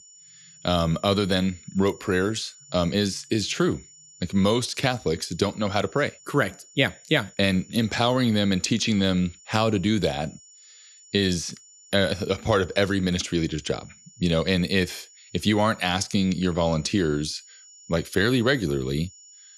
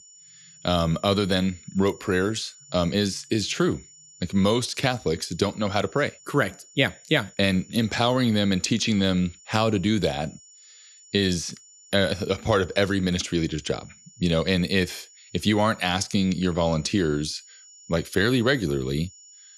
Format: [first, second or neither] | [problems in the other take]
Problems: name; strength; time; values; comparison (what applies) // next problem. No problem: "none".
neither | high-pitched whine; faint; throughout; 7 kHz, 25 dB below the speech; the same in both